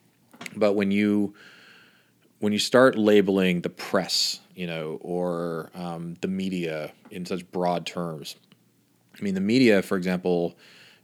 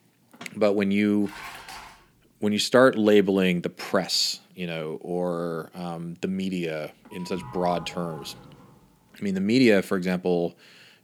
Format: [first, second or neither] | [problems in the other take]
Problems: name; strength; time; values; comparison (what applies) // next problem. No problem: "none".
first | clattering dishes; faint; at 1 s; peak 15 dB below the speech // doorbell; faint; from 7 to 9 s; peak 15 dB below the speech